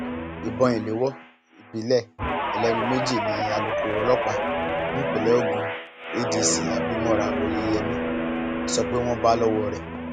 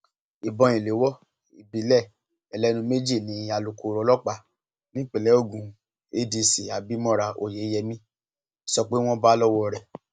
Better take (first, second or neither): second